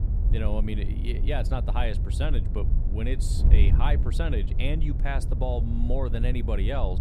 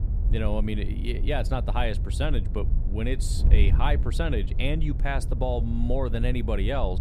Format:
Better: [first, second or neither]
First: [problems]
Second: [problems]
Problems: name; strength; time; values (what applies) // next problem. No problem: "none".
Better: second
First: wind noise on the microphone; heavy; 9 dB below the speech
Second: wind noise on the microphone; occasional gusts; 15 dB below the speech